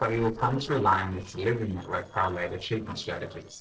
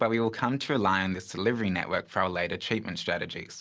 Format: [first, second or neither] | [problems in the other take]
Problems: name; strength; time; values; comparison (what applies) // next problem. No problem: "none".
second | noise reduction (neural separator model SepFormer DNS4)